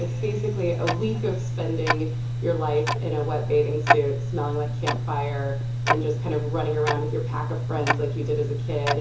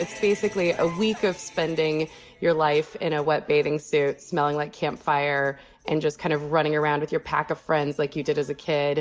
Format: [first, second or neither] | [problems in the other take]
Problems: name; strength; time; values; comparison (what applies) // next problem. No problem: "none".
second | background sound (Tick-tock); 2 dB above the speech // room echo; dies away in 0.7 s